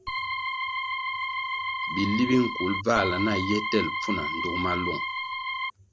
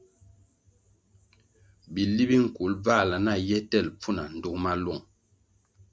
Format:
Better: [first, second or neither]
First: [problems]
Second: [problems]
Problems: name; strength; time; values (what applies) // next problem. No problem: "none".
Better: second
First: background sound (Organ); 2 dB below the speech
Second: none